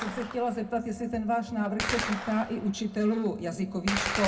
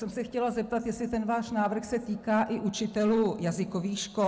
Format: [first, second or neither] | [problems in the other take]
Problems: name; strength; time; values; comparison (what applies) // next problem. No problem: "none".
second | background sound (Gunshot, gunfire); 7 dB below the speech // room echo; dies away in 0.2 s